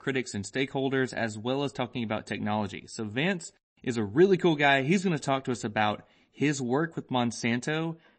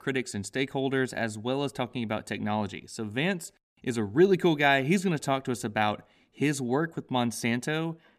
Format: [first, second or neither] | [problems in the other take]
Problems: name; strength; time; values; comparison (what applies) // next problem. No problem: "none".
second | garbled, watery; slightly; nothing above 8 kHz